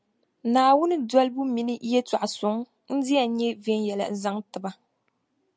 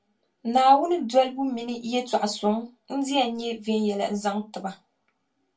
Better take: first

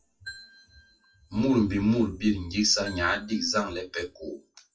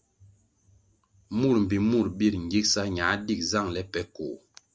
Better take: second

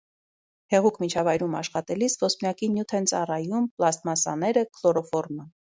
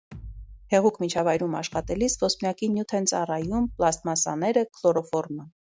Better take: first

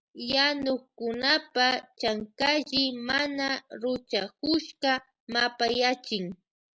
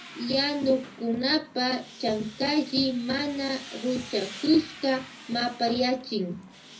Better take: first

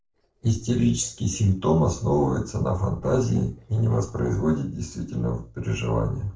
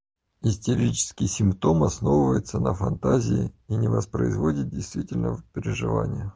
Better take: second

